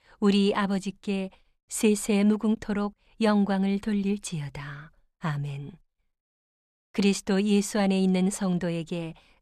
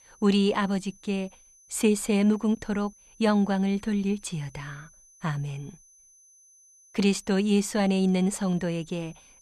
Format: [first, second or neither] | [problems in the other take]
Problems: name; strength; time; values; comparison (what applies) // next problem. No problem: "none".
first | high-pitched whine; faint; throughout; 6 kHz, 30 dB below the speech